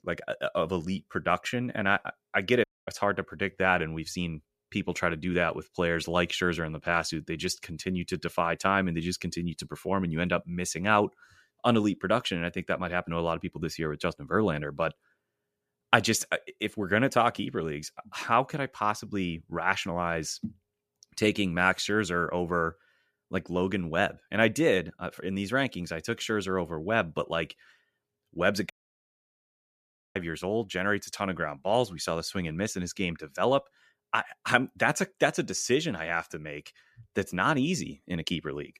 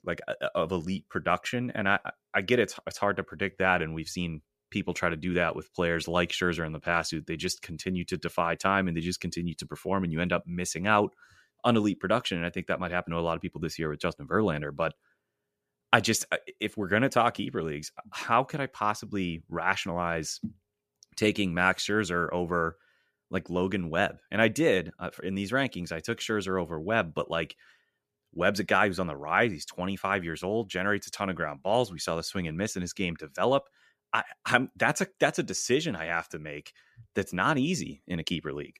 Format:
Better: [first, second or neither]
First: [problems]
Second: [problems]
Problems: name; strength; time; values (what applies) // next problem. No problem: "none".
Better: second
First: audio cutting out; at 2.5 s and at 29 s for 1.5 s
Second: none